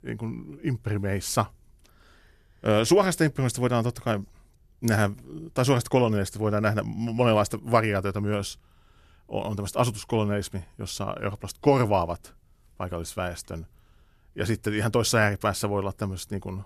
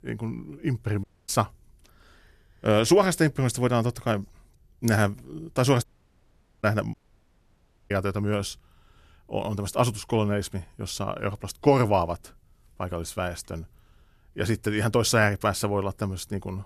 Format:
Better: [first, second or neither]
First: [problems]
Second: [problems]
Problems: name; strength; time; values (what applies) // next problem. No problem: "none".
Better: first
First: none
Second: audio cutting out; at 1 s, at 6 s for 1 s and at 7 s for 1 s